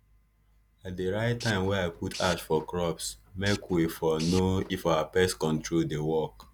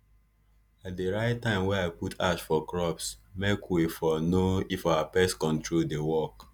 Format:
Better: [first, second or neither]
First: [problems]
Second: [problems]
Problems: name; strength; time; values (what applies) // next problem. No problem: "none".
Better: second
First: background sound (Tools); 16 dB below the speech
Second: none